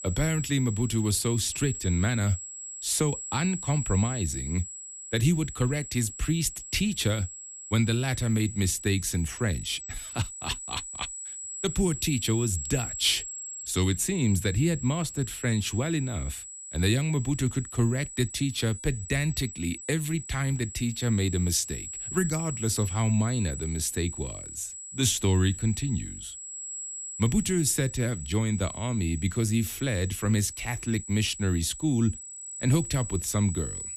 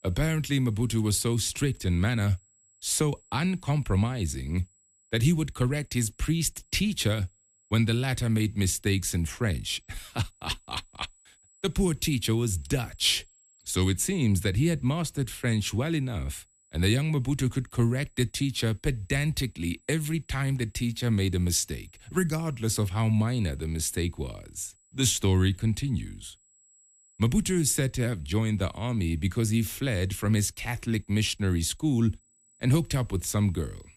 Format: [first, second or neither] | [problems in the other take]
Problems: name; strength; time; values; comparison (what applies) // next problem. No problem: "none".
second | high-pitched whine; loud; throughout; 7.5 kHz, 9 dB below the speech; faint in the second